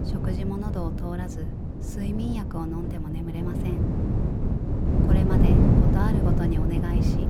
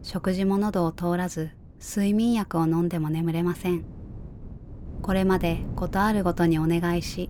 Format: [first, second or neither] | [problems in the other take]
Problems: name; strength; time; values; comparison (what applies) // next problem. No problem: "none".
second | wind noise on the microphone; heavy; 3 dB above the speech; occasional gusts in the second